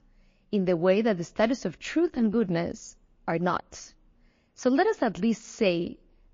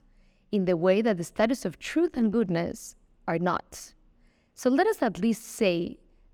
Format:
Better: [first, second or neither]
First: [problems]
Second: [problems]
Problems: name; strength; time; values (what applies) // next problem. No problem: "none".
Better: second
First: garbled, watery; slightly; nothing above 6.5 kHz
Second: none